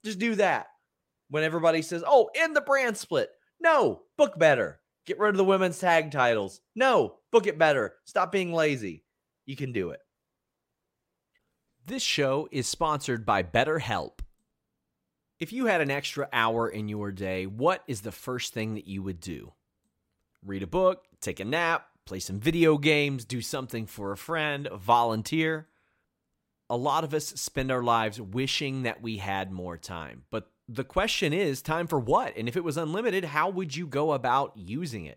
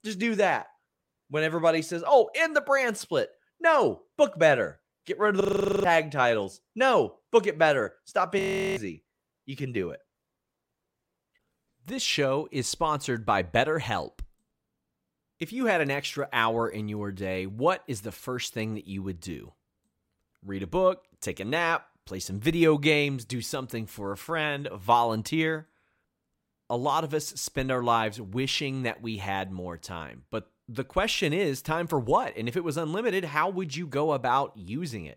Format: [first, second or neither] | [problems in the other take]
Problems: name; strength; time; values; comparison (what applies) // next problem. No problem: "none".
first | audio freezing; at 5.5 s and at 8.5 s